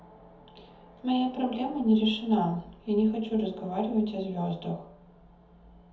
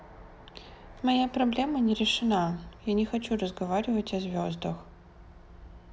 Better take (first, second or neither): second